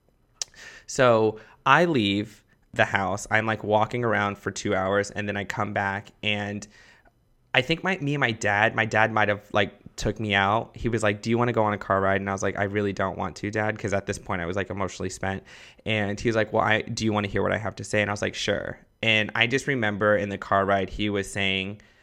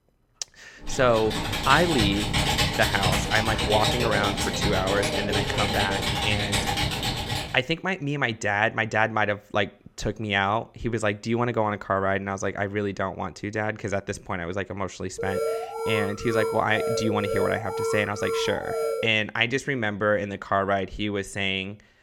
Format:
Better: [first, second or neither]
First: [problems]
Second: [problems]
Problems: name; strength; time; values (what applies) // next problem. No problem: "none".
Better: first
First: none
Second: keyboard typing; loud; from 1 to 7.5 s; peak 4 dB above the speech // alarm; noticeable; from 15 to 19 s; peak 1 dB below the speech